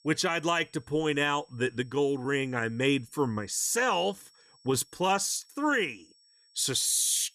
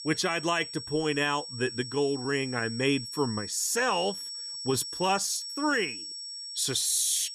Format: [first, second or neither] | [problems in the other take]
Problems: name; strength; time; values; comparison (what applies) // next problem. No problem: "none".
first | high-pitched whine; loud; throughout; 5.5 kHz, 8 dB below the speech; faint in the first